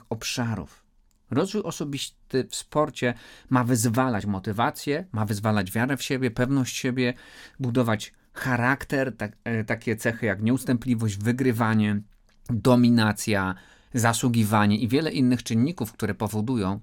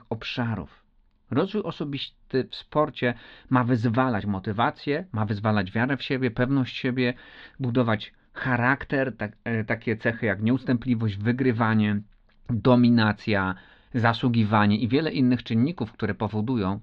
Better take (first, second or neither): first